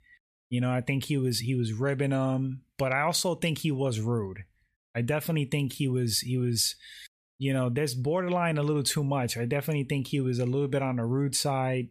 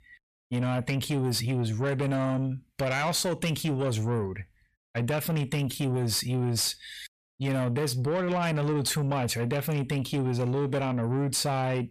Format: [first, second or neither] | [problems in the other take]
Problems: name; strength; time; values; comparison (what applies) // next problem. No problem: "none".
first | distortion; slight; 10 dB below the speech